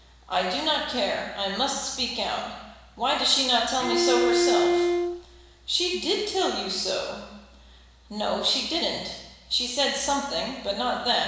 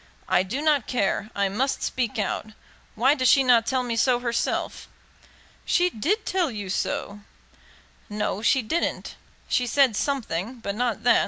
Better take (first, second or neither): second